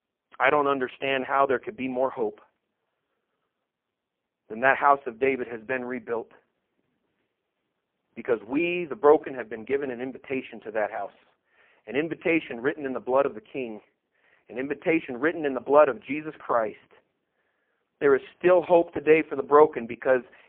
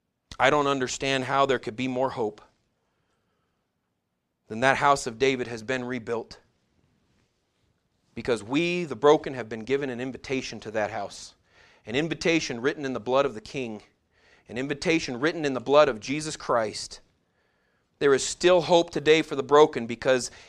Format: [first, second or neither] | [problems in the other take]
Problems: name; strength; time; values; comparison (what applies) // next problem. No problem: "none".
second | phone-call audio; poor line